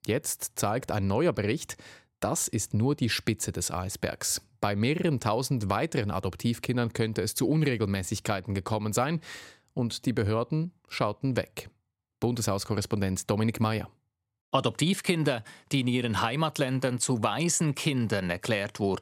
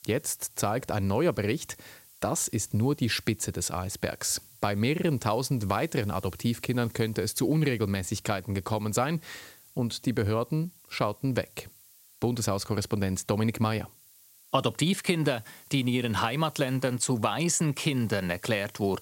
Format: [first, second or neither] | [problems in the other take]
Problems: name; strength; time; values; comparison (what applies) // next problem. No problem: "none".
first | hiss; faint; throughout; 25 dB below the speech